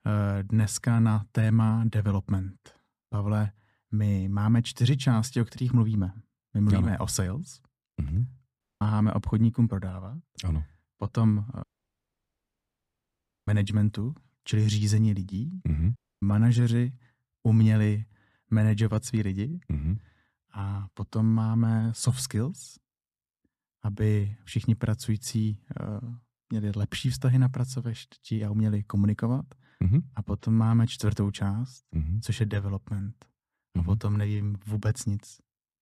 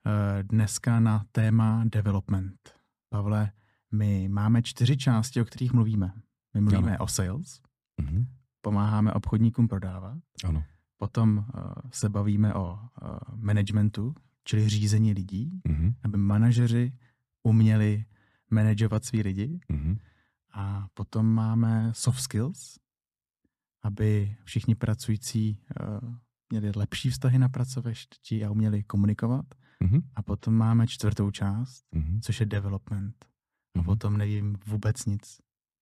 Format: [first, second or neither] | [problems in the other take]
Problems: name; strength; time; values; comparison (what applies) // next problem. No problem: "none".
second | audio cutting out; at 8.5 s, at 12 s for 2 s and at 16 s